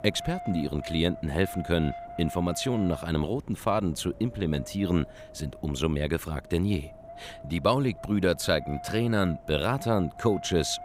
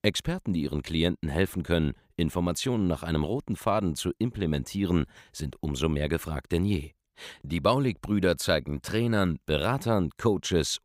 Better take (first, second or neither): second